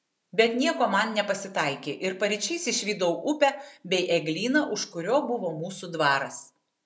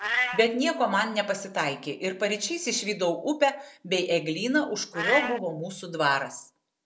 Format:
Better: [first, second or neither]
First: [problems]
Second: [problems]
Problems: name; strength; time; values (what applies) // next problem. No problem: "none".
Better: first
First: none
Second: noise reduction (neural separator model SepFormer DNS4)